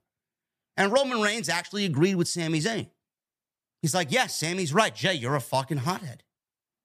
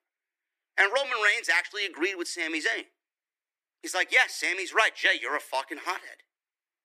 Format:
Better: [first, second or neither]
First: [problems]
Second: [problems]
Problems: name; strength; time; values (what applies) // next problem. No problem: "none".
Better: first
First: none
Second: thin; very; fading below 300 Hz